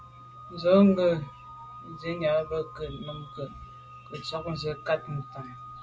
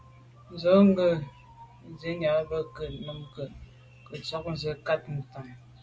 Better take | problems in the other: second | background sound (Organ); 17 dB below the speech

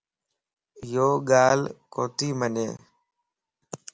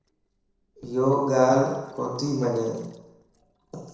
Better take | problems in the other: first | noise reduction (neural separator model SepFormer DNS4)

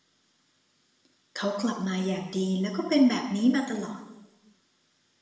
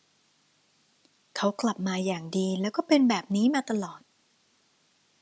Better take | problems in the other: second | room echo; dies away in 0.9 s

